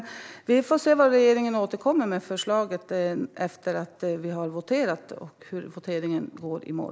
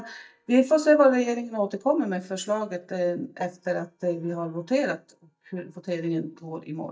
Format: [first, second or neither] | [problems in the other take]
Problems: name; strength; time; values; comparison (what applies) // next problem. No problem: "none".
first | noise reduction (neural mask model DeepFilterNet 3)